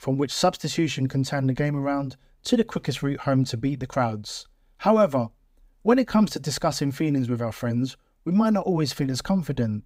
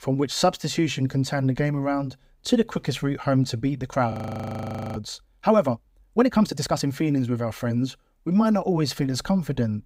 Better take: first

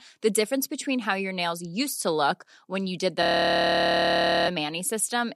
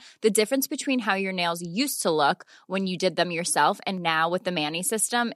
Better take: second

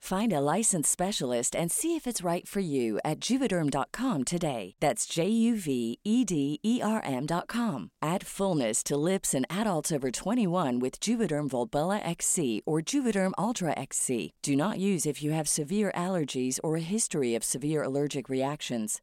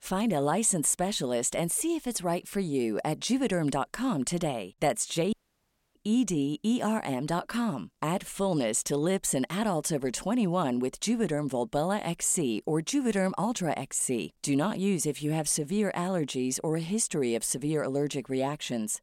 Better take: first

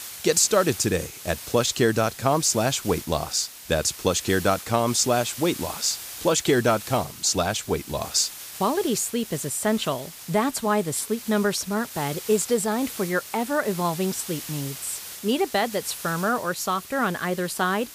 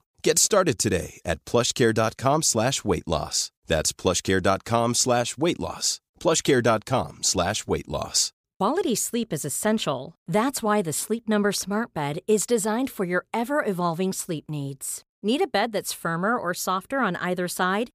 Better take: second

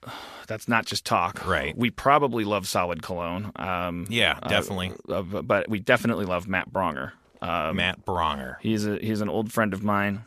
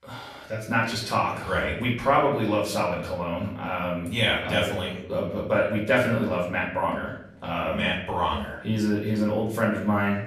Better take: first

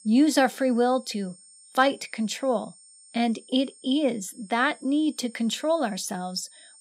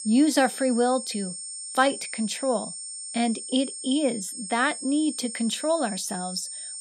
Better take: first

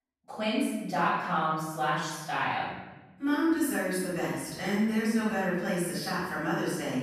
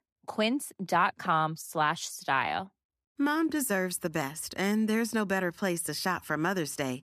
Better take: second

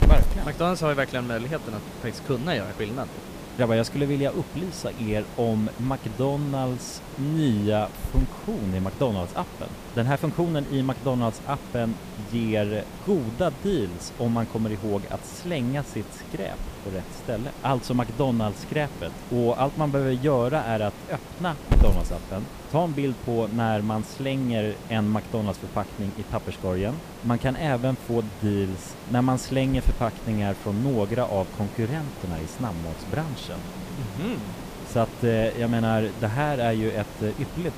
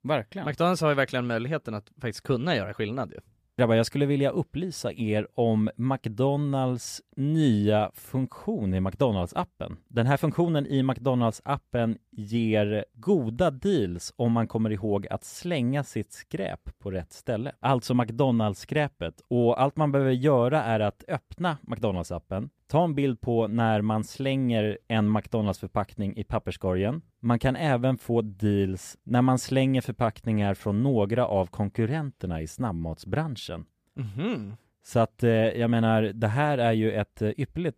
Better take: second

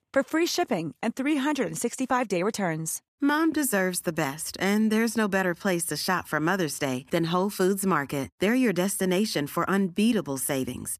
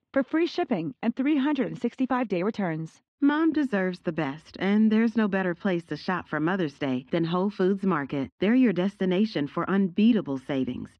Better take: first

